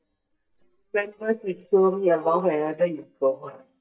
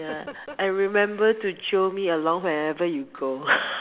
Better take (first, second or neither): second